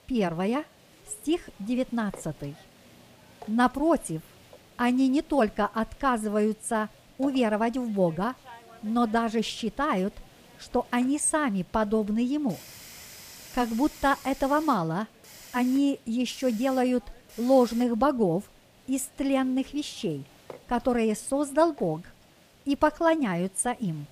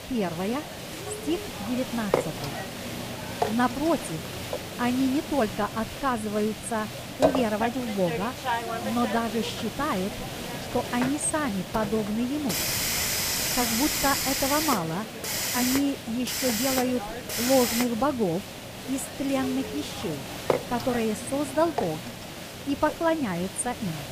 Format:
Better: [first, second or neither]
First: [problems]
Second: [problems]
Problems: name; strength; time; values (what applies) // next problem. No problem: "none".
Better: first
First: hiss; faint; throughout; 20 dB below the speech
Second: hiss; loud; throughout; 2 dB below the speech